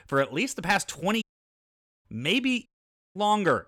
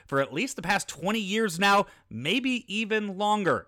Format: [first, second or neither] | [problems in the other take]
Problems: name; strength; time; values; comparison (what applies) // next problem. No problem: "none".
second | audio cutting out; at 1 s for 1 s and at 2.5 s